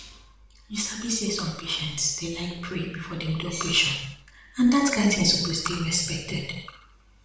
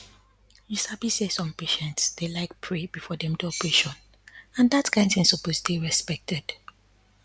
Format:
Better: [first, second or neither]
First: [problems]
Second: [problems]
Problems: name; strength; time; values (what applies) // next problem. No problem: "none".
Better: second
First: room echo; dies away in 0.7 s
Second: none